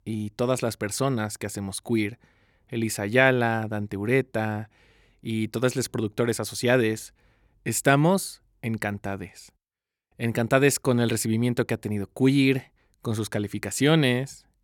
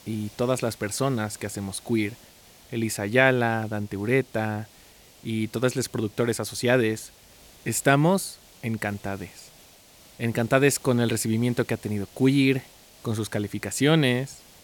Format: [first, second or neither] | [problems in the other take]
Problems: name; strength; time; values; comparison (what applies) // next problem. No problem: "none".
first | hiss; faint; throughout; 25 dB below the speech